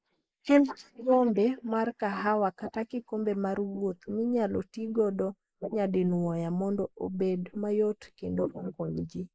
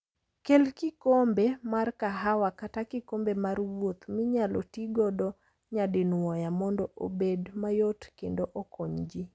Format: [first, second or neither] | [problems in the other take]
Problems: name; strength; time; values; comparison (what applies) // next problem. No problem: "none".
second | noise reduction (neural mask model Resemble Enhance denoiser)